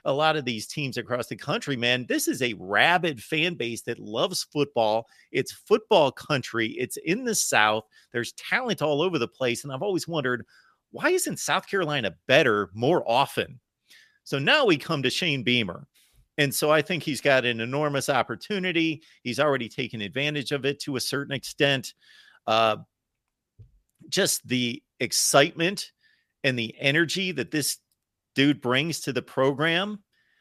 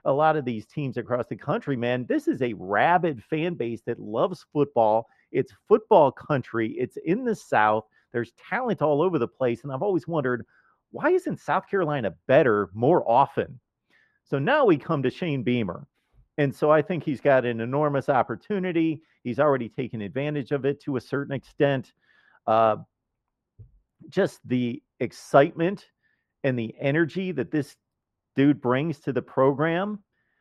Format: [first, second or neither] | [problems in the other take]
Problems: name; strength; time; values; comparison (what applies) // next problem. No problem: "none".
first | muffled; very; fading above 2.5 kHz